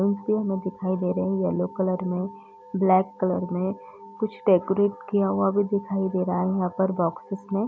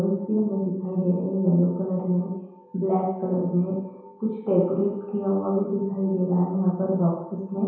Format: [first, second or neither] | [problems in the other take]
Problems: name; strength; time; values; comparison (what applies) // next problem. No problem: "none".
first | room echo; dies away in 0.9 s